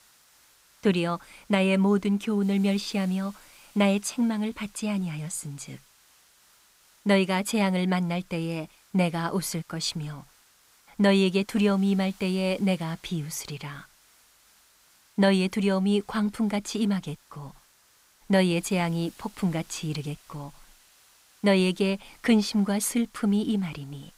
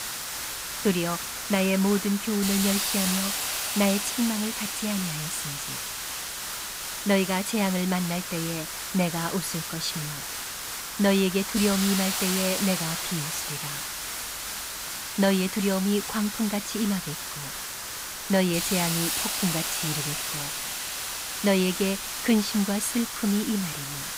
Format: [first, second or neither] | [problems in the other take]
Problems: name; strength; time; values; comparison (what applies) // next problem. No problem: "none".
first | hiss; loud; throughout; 2 dB below the speech; faint in the first